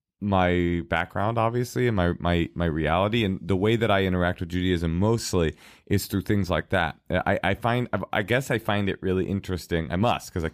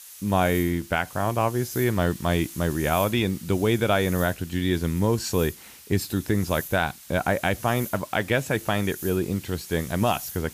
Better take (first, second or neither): first